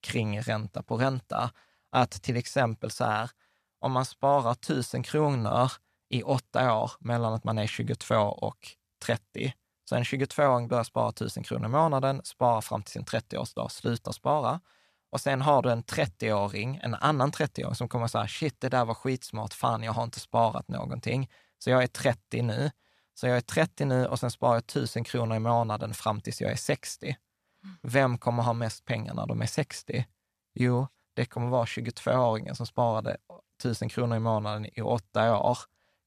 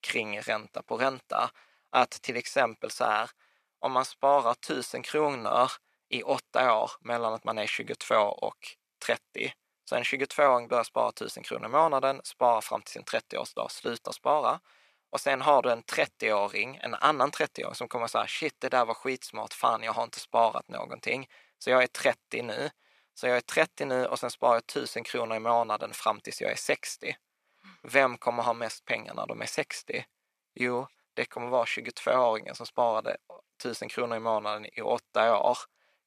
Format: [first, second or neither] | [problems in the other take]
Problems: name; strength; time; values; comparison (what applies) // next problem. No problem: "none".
first | thin; somewhat; fading below 400 Hz